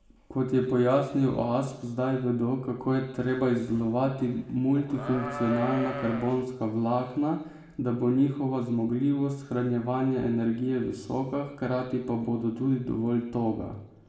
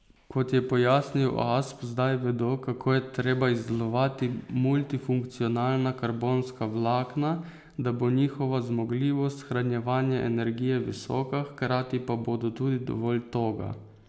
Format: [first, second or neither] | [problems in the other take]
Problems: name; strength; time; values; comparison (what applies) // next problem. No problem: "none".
second | background sound (Livestock, farm animals, working animals); 7 dB below the speech // room echo; dies away in 0.7 s